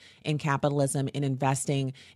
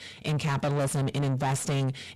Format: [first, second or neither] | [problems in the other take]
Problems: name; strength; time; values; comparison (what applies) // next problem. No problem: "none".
first | distortion; heavy; 5 dB below the speech